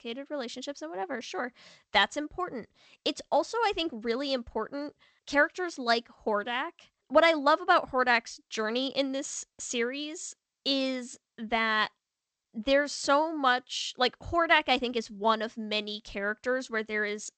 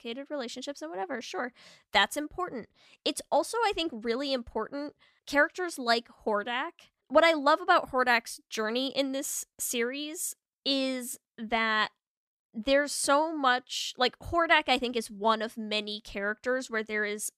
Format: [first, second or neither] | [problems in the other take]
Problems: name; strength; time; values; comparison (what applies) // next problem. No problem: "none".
second | garbled, watery; slightly; nothing above 8 kHz